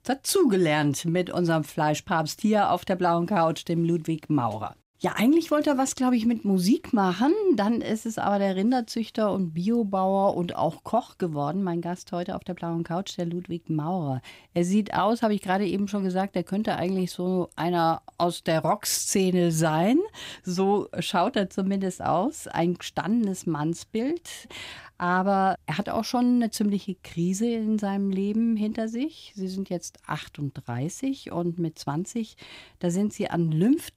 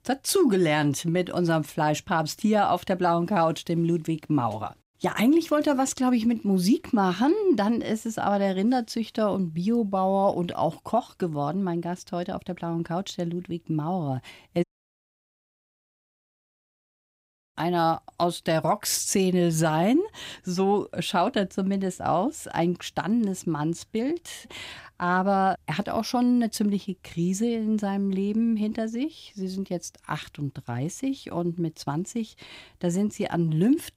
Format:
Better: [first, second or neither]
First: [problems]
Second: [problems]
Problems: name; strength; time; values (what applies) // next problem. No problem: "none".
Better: first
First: none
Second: audio cutting out; at 15 s for 3 s